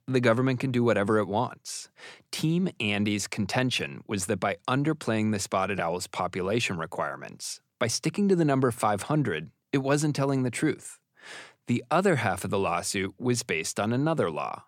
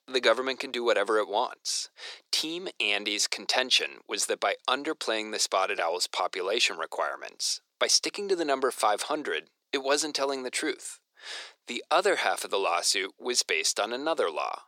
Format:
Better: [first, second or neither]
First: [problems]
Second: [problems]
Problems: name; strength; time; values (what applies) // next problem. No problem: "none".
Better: first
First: none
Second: thin; very; fading below 400 Hz